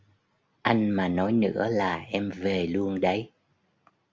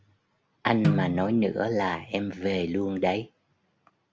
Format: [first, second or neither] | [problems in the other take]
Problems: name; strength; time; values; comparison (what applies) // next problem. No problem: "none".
first | background sound (Snare drum); 5 dB below the speech